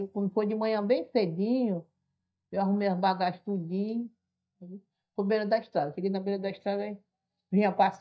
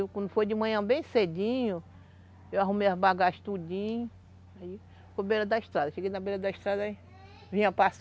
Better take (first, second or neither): second